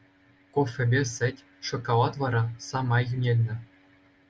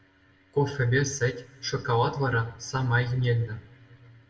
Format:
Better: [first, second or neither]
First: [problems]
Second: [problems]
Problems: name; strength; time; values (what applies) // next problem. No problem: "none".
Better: first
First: none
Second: room echo; dies away in 0.5 s